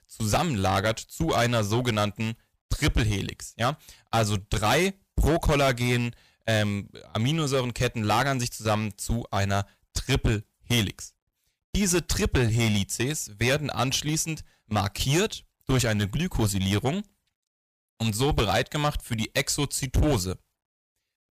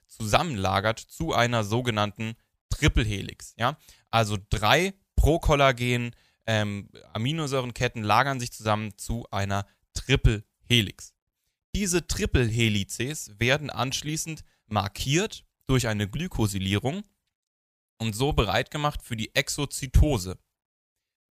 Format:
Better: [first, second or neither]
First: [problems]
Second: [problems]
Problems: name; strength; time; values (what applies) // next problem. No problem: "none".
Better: second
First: distortion; heavy; 8% of the sound clipped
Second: none